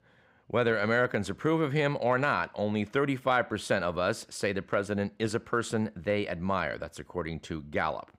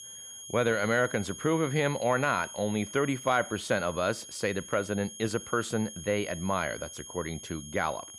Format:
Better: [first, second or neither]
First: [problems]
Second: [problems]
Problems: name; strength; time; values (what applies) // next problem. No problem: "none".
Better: first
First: none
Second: high-pitched whine; noticeable; throughout; 6.5 kHz, 10 dB below the speech